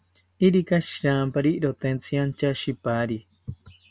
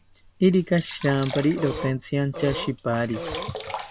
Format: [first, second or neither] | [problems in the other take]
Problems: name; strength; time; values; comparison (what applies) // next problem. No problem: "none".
first | background sound (Burping, eructation + Sink (filling or washing)); 11 dB below the speech